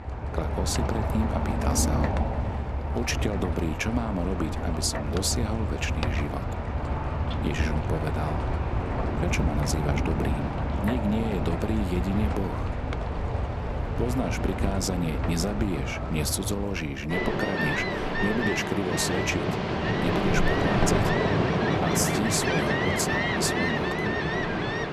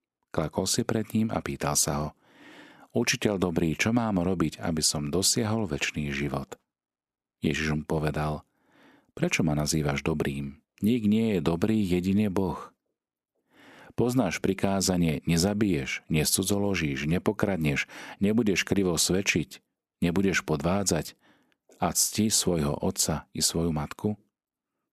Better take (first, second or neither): second